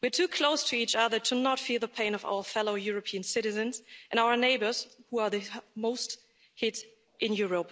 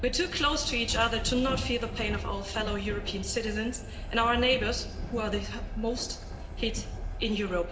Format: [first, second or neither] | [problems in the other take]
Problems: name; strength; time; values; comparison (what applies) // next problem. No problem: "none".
first | background sound (Train); 5 dB below the speech // room echo; dies away in 1.9 s